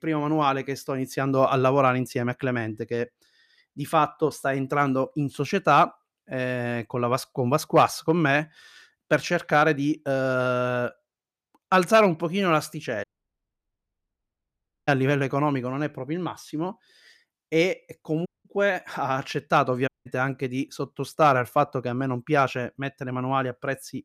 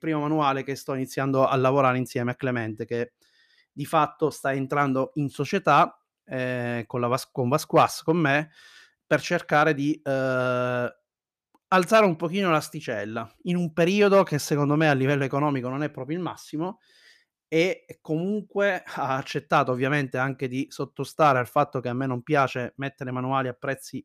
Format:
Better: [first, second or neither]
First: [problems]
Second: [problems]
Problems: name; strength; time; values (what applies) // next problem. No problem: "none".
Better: second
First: audio cutting out; at 13 s for 2 s, at 18 s and at 20 s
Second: none